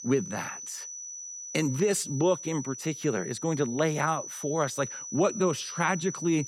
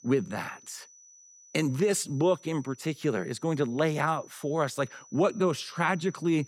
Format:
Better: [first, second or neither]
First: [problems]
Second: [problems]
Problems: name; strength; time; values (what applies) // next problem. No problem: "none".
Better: second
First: high-pitched whine; loud; throughout; 6 kHz, 9 dB below the speech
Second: high-pitched whine; faint; throughout; 6 kHz, 25 dB below the speech